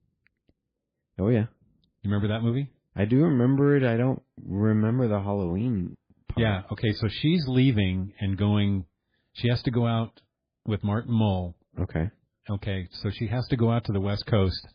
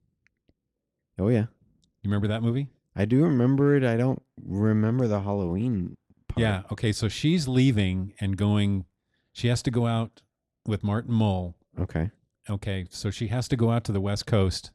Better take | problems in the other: second | garbled, watery; badly; nothing above 4.5 kHz

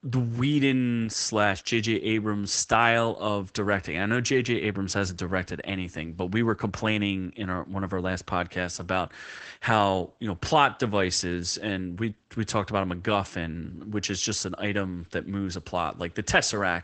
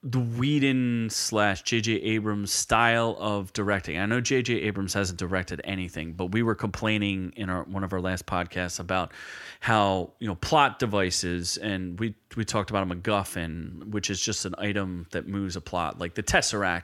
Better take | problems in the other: second | garbled, watery; badly; nothing above 8 kHz

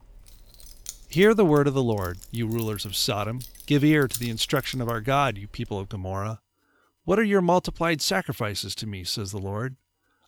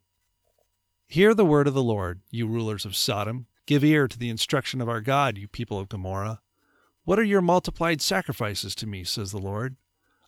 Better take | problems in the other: second | jangling keys; noticeable; until 6 s; peak 8 dB below the speech

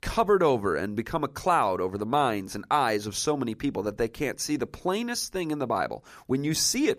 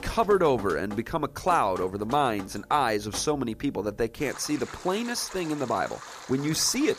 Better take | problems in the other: first | rain or running water; noticeable; throughout; 15 dB below the speech

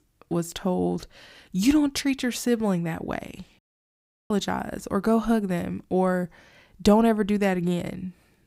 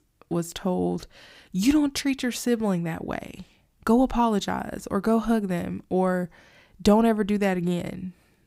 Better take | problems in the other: second | audio cutting out; at 3.5 s for 0.5 s

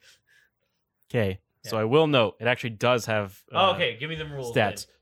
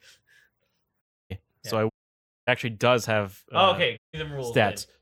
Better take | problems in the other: first | audio cutting out; at 1 s, at 2 s for 0.5 s and at 4 s

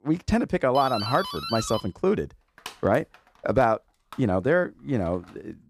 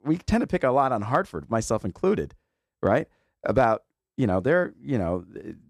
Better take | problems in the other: second | doorbell; noticeable; from 1 s on; peak 6 dB below the speech

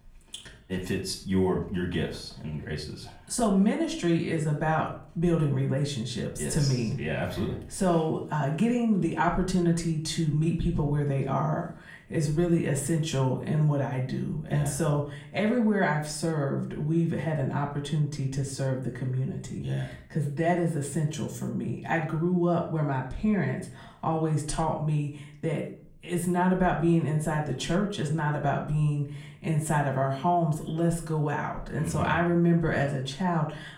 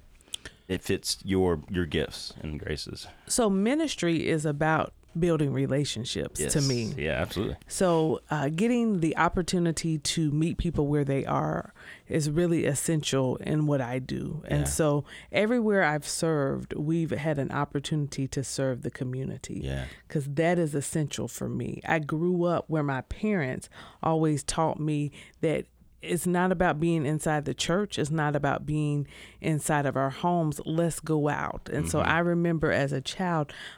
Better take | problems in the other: second | off-mic speech; far // room echo; slight; dies away in 0.4 s

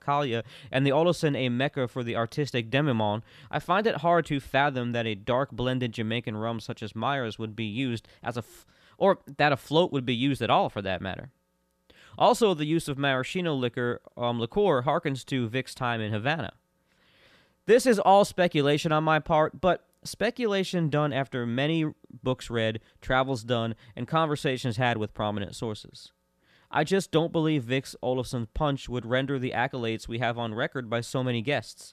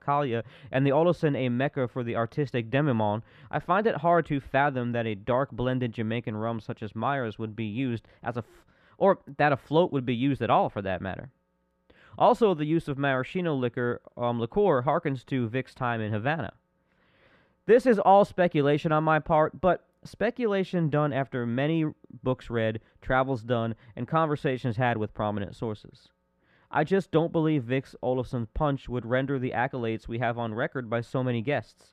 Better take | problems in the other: first | muffled; slightly; fading above 3.5 kHz

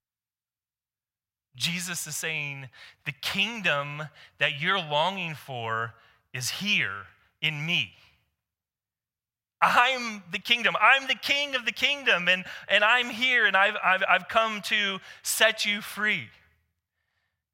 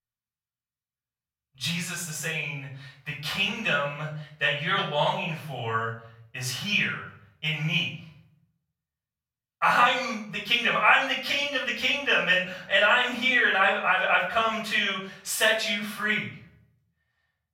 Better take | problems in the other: first | off-mic speech; far // room echo; noticeable; dies away in 0.5 s

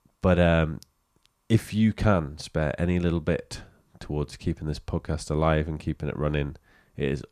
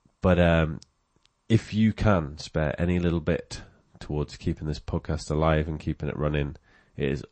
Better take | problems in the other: first | garbled, watery; slightly; nothing above 8 kHz

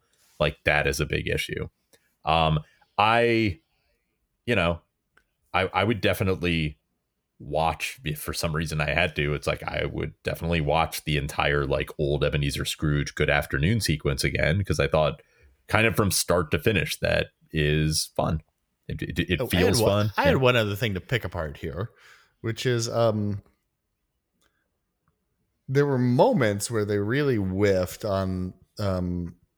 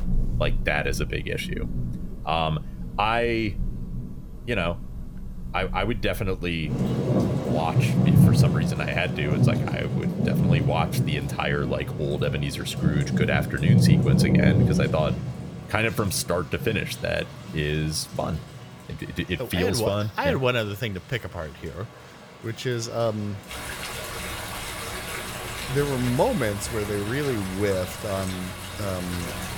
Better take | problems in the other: first | rain or running water; very loud; throughout; 1 dB above the speech

